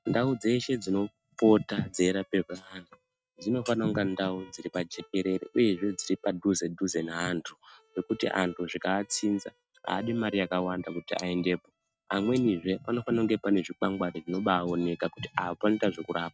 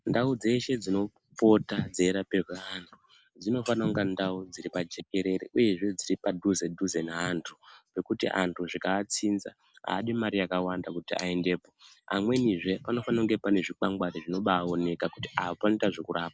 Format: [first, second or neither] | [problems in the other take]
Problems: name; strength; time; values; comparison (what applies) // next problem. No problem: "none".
second | noise reduction (neural mask model RNNoise)